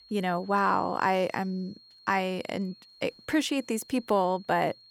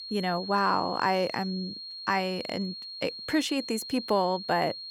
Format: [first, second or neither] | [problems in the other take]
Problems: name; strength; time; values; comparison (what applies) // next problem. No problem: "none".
first | high-pitched whine; loud; throughout; 4.5 kHz, 9 dB below the speech; faint in the first